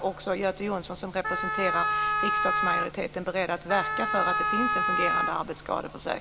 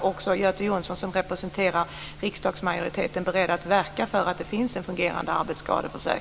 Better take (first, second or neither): second